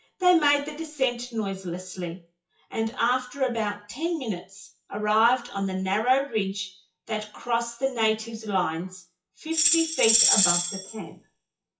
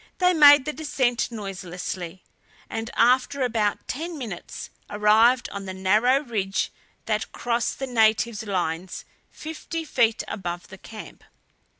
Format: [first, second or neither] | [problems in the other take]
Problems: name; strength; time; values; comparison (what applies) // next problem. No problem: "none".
second | noise reduction (classical method WPE with log-MMSE)